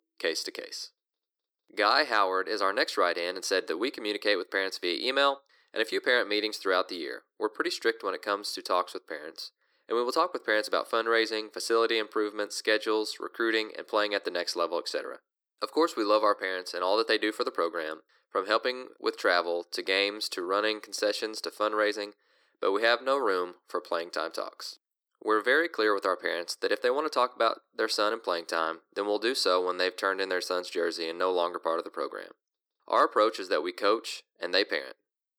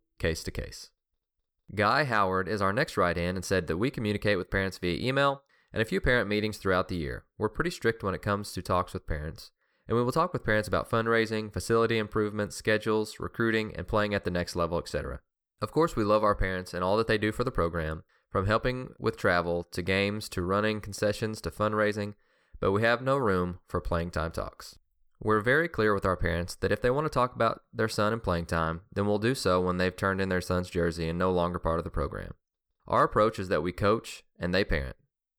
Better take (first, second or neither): second